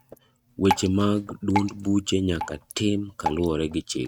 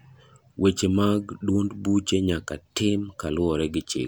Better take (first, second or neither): second